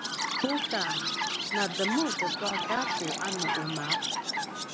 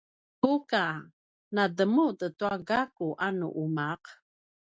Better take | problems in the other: second | background sound (Chirp, tweet); 3 dB above the speech

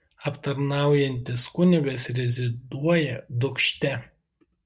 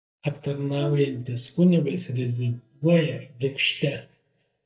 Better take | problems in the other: first | noise reduction (neural mask model DeepFilterNet 3)

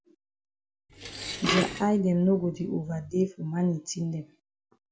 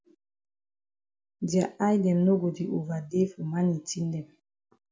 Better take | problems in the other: second | background sound (Dishes, pots, and pans); 6 dB below the speech

